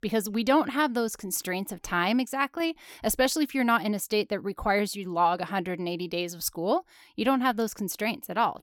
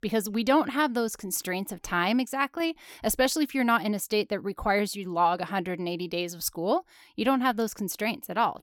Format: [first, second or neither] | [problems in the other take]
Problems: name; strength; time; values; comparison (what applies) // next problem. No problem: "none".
neither | none